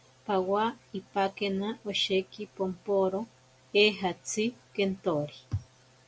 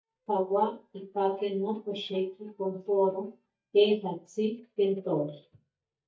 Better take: first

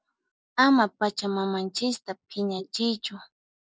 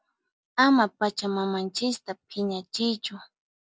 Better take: second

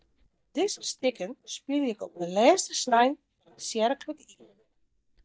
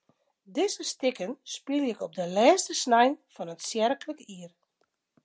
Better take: second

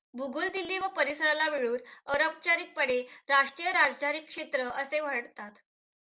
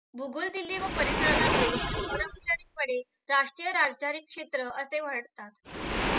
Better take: first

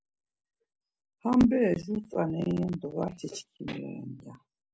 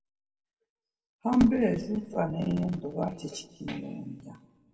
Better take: first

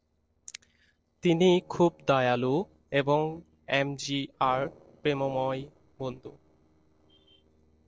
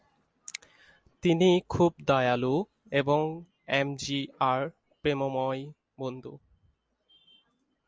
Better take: second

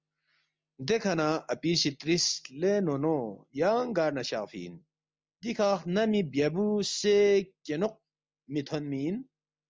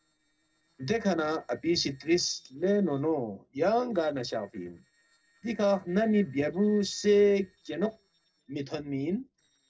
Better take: first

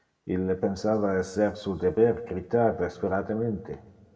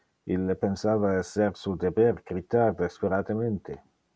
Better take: second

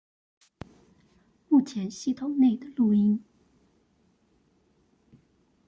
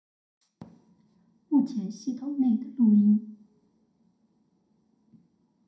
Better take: first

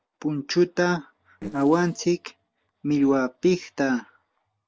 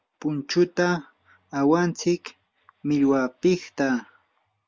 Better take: second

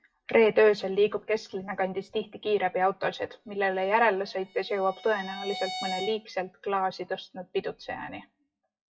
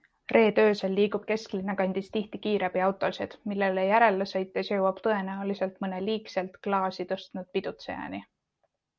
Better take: second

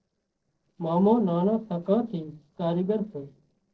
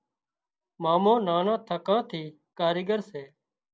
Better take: second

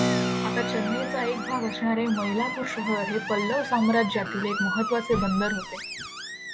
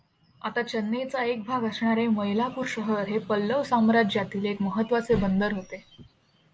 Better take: second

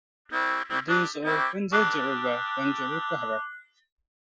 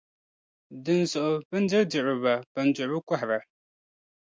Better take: second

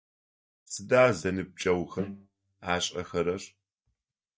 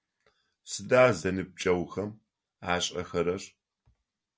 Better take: second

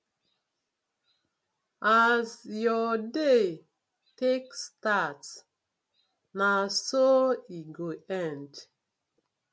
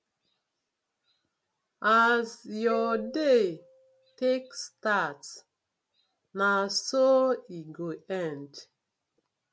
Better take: first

